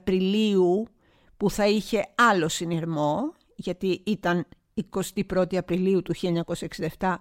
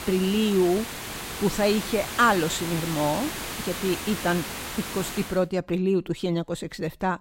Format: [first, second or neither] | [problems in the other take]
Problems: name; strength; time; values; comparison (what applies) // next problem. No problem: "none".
first | hiss; loud; until 5.5 s; 7 dB below the speech